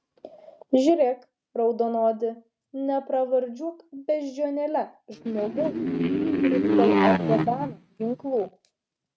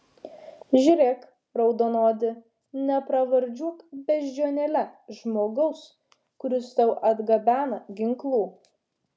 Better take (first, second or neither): second